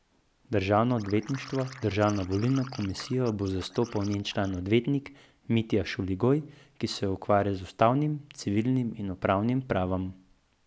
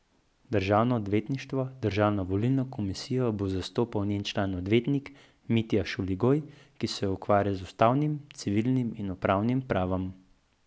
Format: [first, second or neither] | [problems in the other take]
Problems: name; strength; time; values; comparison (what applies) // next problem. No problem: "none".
second | background sound (Liquid); 19 dB below the speech